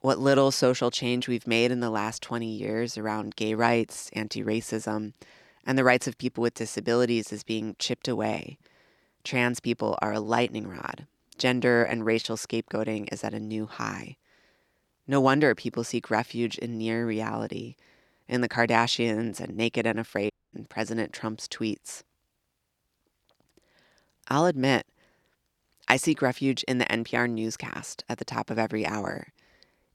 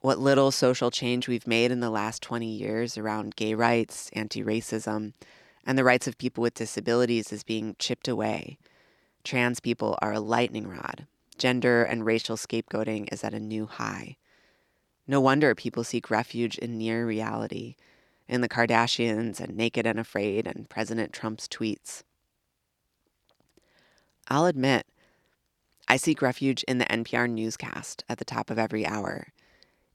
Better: second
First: audio cutting out; at 20 s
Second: none

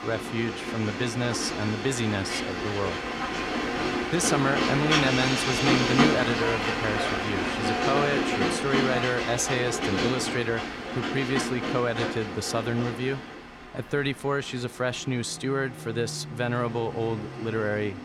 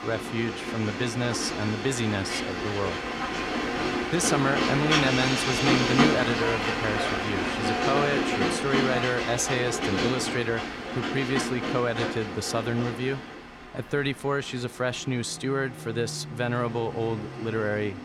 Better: neither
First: train or aircraft noise; very loud; throughout; as loud as the speech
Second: train or aircraft noise; very loud; throughout; as loud as the speech

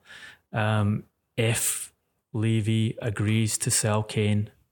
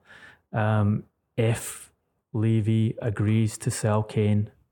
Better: first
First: none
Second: muffled; slightly; fading above 2 kHz

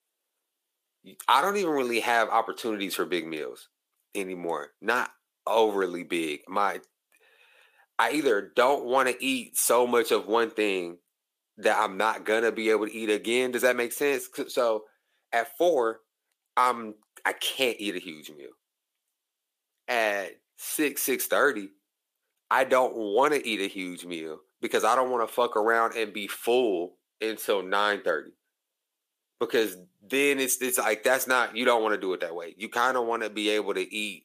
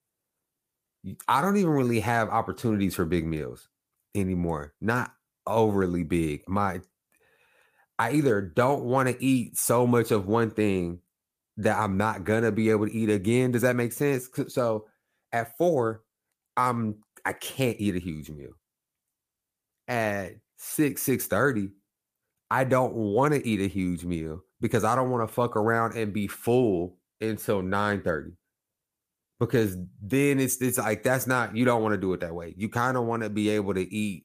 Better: second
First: thin; somewhat; fading below 350 Hz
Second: none

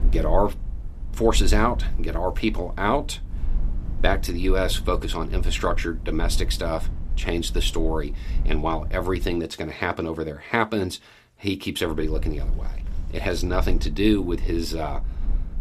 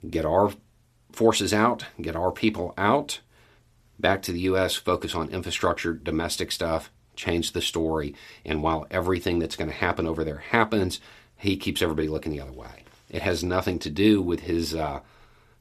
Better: second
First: low rumble; faint; until 9.5 s and from 12 s on; 20 dB below the speech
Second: none

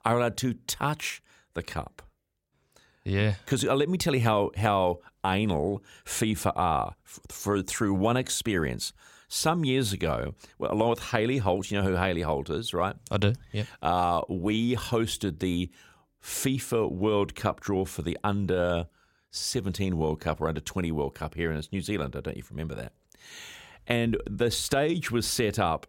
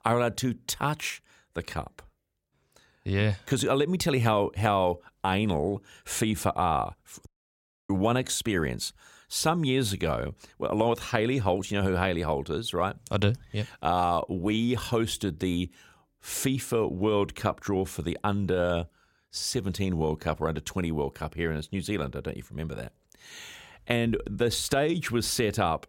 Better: first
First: none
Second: audio cutting out; at 7.5 s for 0.5 s

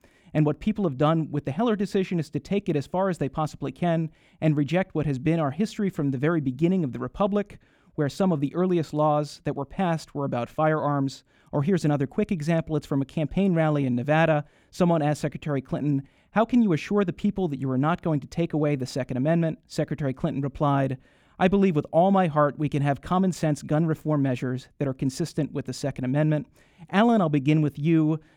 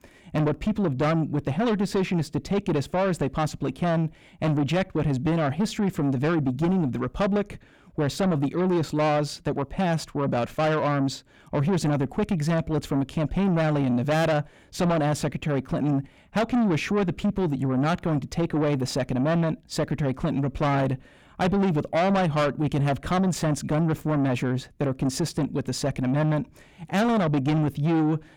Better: first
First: none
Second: distortion; heavy; 7 dB below the speech

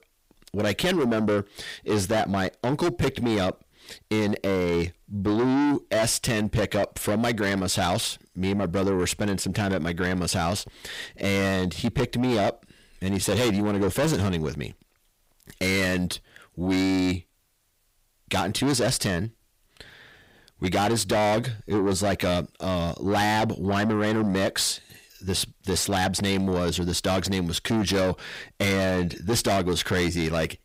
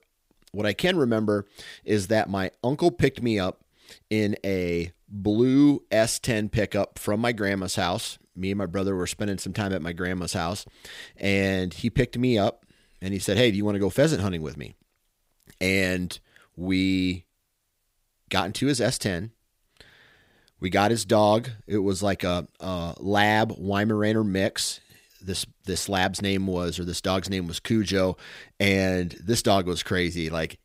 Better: second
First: distortion; heavy; 6 dB below the speech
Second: none

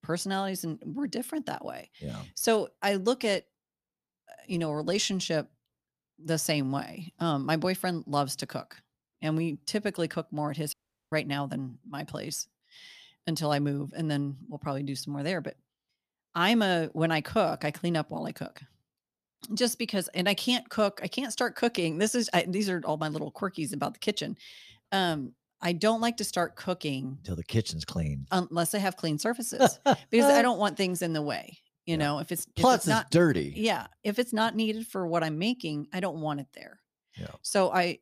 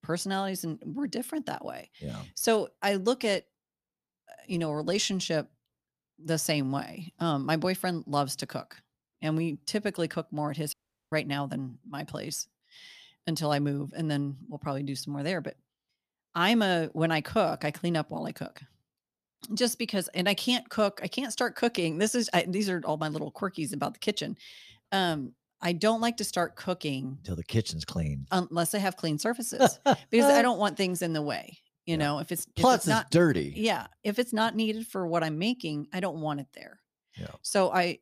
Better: neither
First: audio cutting out; at 11 s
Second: audio cutting out; at 11 s

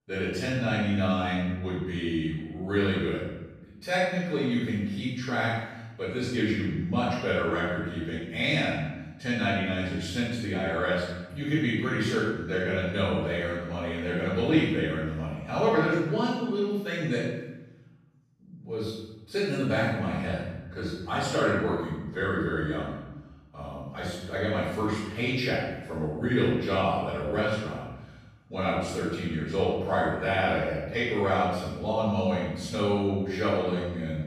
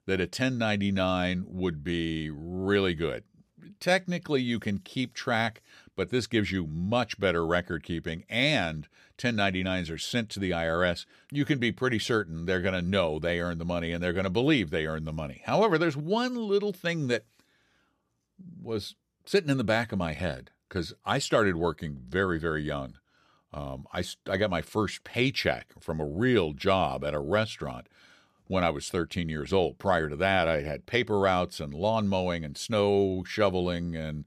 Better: second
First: room echo; strong; dies away in 1 s // off-mic speech; far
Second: none

